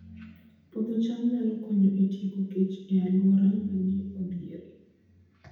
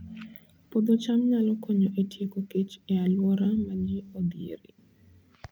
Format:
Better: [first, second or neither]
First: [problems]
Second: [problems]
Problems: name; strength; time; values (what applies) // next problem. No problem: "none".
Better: second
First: room echo; dies away in 0.8 s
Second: none